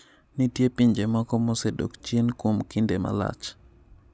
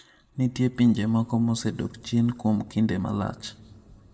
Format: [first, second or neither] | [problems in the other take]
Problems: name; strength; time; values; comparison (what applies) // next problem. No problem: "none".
first | room echo; dies away in 1.3 s